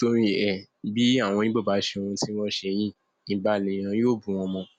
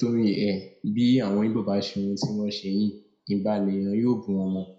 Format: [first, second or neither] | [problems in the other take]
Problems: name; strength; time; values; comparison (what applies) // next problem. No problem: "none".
first | room echo; dies away in 0.5 s